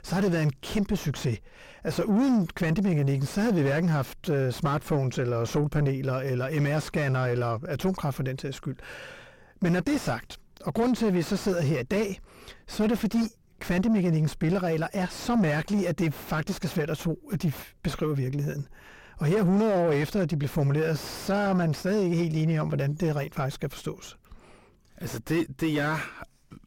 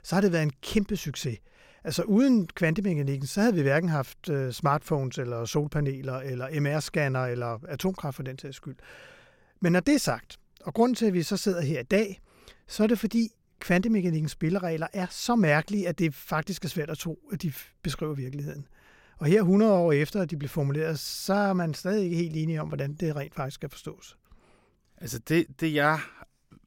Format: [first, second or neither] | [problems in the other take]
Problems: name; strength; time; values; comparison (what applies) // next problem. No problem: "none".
second | distortion; heavy; 5 dB below the speech